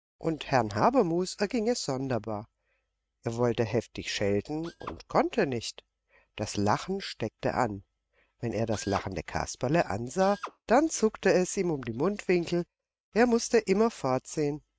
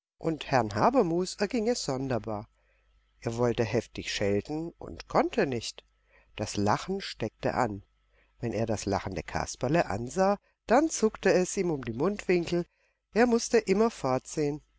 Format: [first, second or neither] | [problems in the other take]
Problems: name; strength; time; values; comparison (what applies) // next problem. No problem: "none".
second | noise reduction (neural mask model RNNoise)